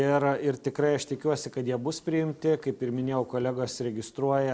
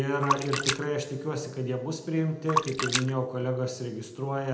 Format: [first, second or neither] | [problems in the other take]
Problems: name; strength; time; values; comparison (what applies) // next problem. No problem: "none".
first | background sound (Splash, splatter); 4 dB below the speech // room echo; dies away in 0.7 s